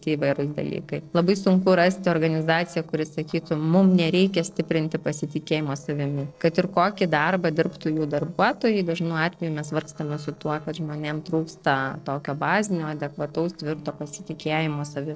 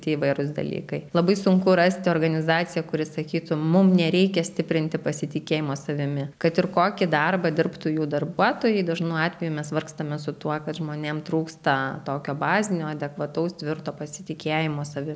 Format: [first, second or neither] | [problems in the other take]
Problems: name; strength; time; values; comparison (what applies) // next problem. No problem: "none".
second | noise reduction (neural separator model SepFormer DNS4)